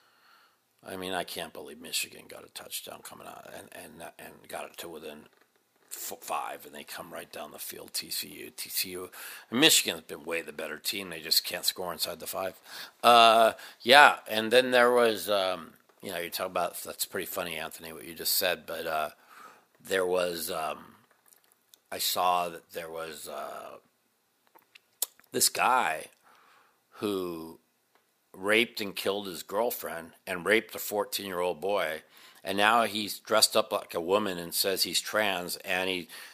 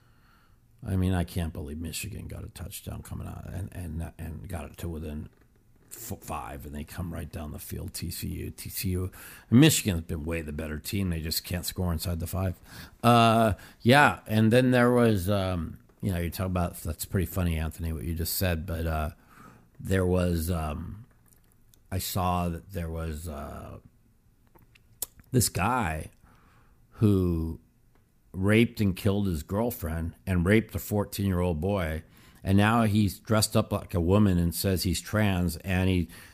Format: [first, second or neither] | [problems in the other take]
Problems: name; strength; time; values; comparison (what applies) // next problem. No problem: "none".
second | thin; very; fading below 600 Hz